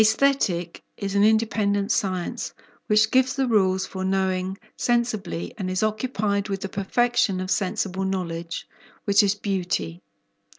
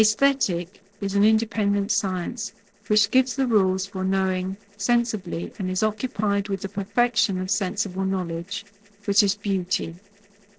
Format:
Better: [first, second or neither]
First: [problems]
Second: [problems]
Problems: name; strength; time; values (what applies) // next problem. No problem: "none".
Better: first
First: none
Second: noise reduction (neural separator model SepFormer DNS4)